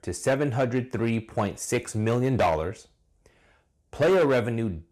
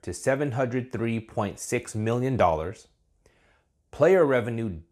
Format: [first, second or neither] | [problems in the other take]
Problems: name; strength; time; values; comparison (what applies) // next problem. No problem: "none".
second | distortion; slight; 5% of the sound clipped